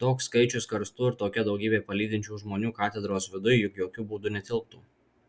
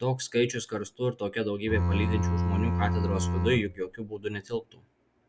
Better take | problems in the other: first | background sound (Bowed string instrument); 3 dB above the speech

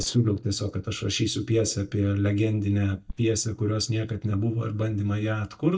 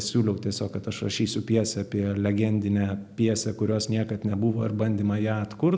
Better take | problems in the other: second | noise reduction (neural mask model DeepFilterNet 3)

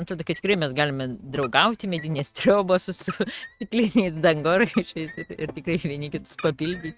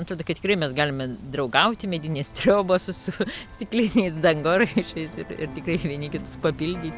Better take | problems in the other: second | noise reduction (neural mask model RNNoise)

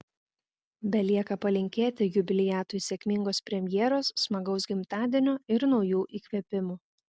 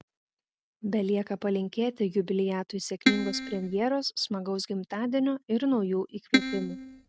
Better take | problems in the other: first | noise reduction (neural mask model RNNoise)

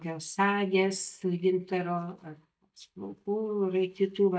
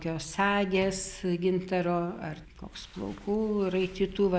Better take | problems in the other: second | noise reduction (neural mask model DeepFilterNet 3)

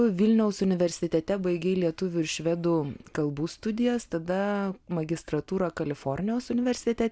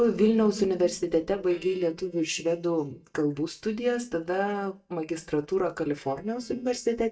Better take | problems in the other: first | noise reduction (neural mask model DeepFilterNet 3)

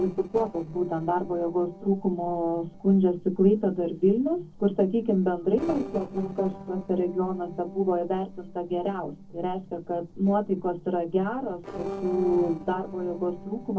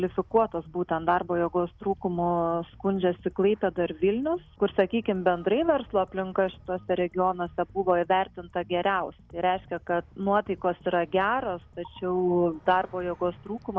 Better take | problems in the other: second | noise reduction (neural separator model SepFormer DNS4)

